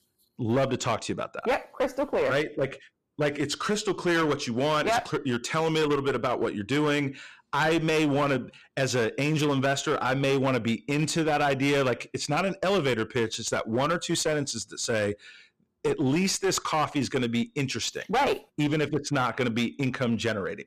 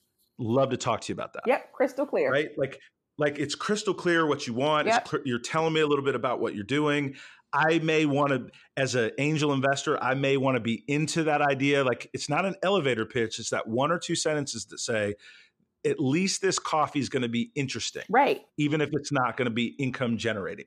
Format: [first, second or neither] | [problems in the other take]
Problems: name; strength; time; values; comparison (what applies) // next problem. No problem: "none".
second | distortion; slight; 13% of the sound clipped